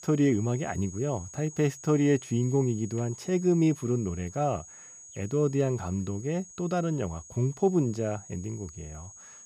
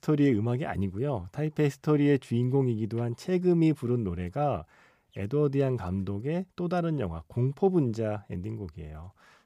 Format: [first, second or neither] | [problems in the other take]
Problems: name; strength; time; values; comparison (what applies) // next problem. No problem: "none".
second | high-pitched whine; noticeable; throughout; 6.5 kHz, 15 dB below the speech